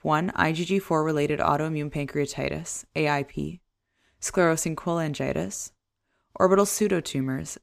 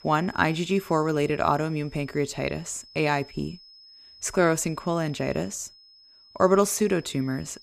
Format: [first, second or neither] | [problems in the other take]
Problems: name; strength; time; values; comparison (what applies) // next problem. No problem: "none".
first | high-pitched whine; faint; throughout; 5 kHz, 25 dB below the speech